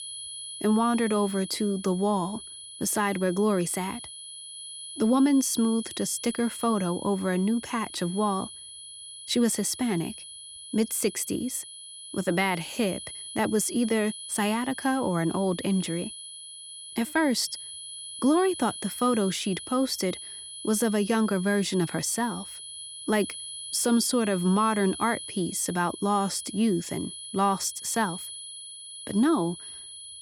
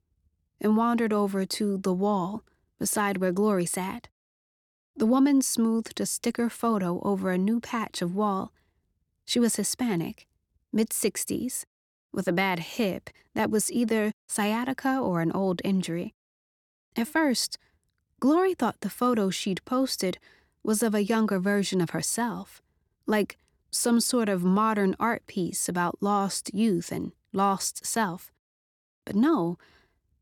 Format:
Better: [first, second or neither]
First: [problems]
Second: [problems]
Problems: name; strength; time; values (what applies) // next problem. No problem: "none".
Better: second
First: high-pitched whine; noticeable; throughout; 10 kHz, 10 dB below the speech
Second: none